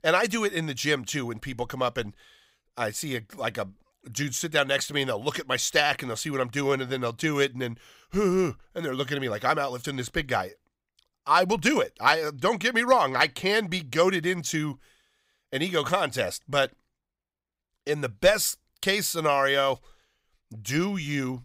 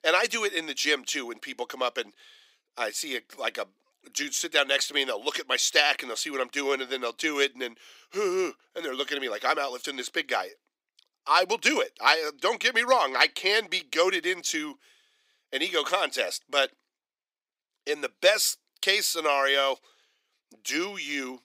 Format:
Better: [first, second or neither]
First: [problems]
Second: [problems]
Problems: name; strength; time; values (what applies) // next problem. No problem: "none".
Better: first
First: none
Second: thin; somewhat; fading below 300 Hz